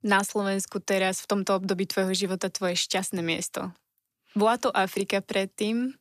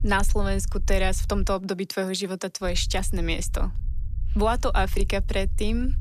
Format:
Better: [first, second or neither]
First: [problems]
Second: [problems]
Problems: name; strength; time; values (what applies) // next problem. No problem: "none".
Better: first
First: none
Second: low rumble; faint; until 1.5 s and from 2.5 s on; 25 dB below the speech